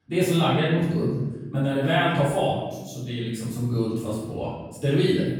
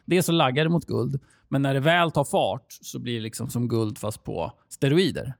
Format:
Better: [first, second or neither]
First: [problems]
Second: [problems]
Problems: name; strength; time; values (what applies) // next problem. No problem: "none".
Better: second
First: off-mic speech; far // room echo; strong; dies away in 1.1 s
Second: none